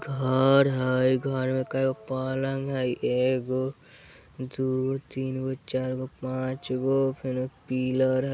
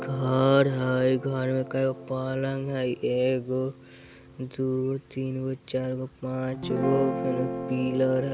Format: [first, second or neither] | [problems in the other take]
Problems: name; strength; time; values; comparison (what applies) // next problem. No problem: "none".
first | background sound (Guitar); 10 dB below the speech